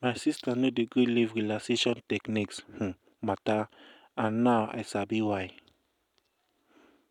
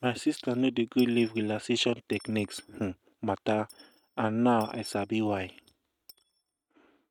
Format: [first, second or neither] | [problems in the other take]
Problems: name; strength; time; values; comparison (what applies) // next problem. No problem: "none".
first | noise reduction (neural mask model RNNoise)